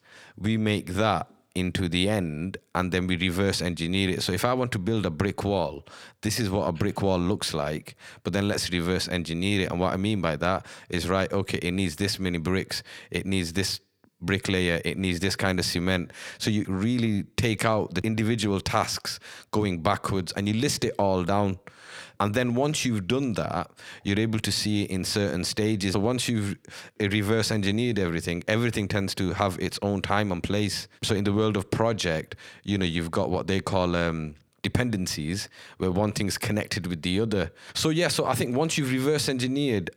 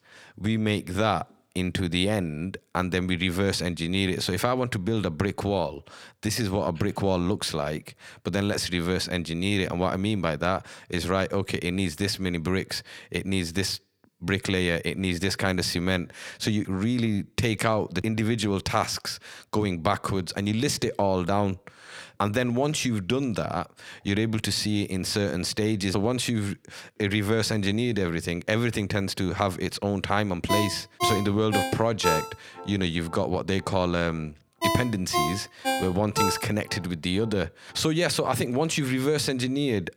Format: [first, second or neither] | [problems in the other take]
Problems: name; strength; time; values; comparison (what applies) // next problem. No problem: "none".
first | phone ringing; loud; from 30 to 37 s; peak level with the speech